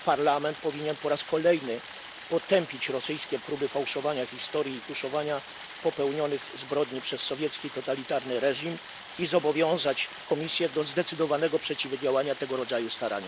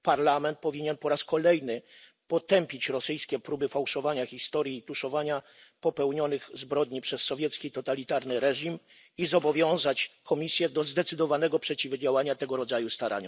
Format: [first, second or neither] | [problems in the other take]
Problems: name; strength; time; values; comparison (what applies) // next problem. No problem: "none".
second | background sound (Stream); 14 dB below the speech